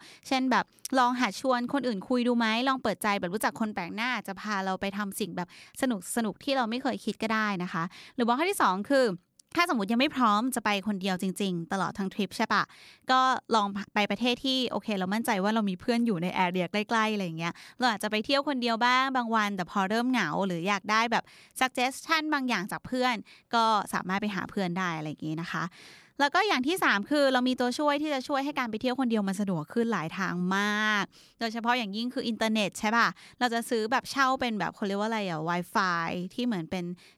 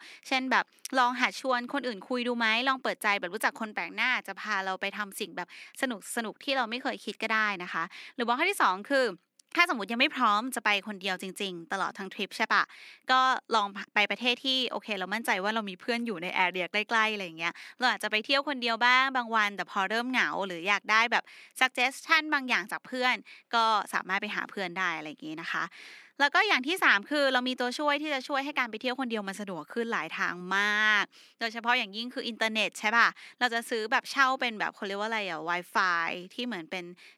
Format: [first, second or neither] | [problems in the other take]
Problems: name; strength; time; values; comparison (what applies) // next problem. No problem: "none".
first | thin; very slightly; fading below 250 Hz